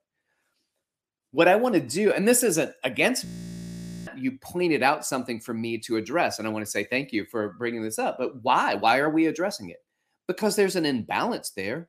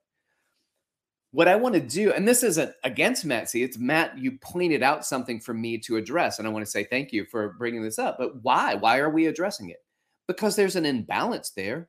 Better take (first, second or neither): second